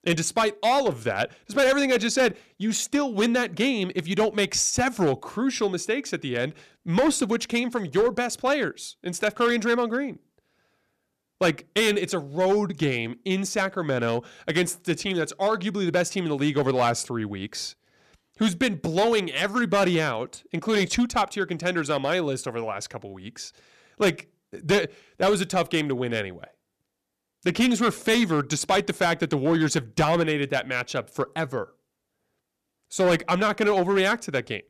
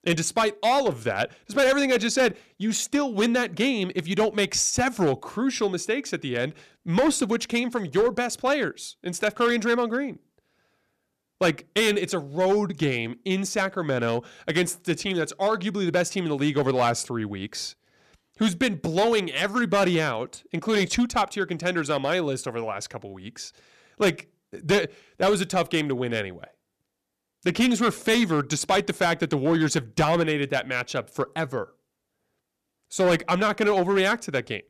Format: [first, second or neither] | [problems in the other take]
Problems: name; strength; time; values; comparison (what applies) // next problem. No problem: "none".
neither | distortion; slight; 5% of the sound clipped; the same in both